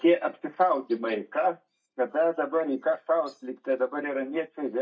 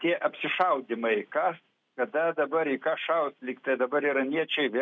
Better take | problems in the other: second | noise reduction (neural mask model DeepFilterNet 3)

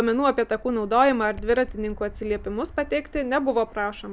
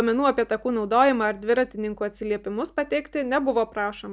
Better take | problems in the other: second | background sound (Fixed-wing aircraft, airplane); 17 dB below the speech

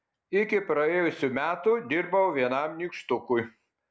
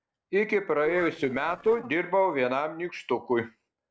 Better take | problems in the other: first | noise reduction (neural separator model SepFormer DNS4)

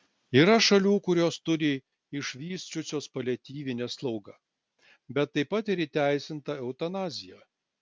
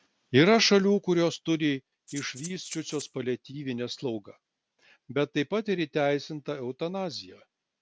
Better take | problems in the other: first | background sound (Rattle (instrument)); 16 dB below the speech

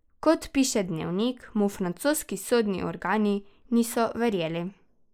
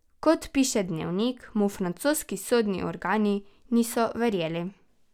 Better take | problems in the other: second | noise reduction (neural mask model Resemble Enhance denoiser)

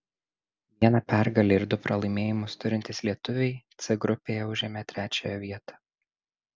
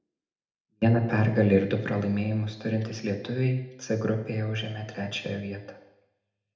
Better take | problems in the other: first | room echo; dies away in 0.7 s

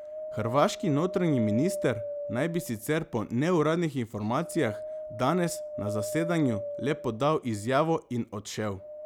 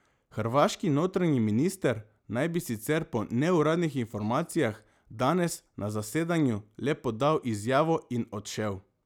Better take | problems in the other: second | background sound (Wind); 10 dB below the speech

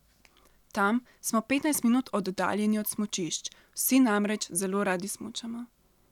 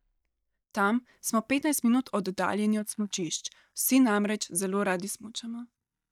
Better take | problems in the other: first | noise reduction (neural mask model DeepFilterNet 3)

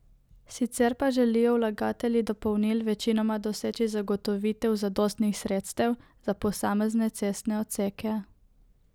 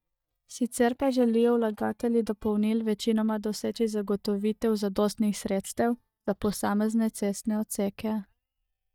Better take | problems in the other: first | noise reduction (neural mask model DeepFilterNet 3)

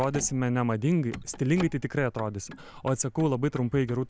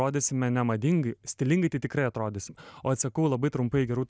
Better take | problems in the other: second | background sound (Motor vehicle (road)); 17 dB below the speech

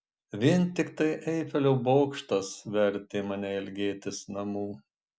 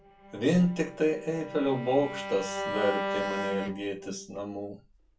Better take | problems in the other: first | background sound (Bowed string instrument); 7 dB below the speech // room echo; dies away in 0.2 s

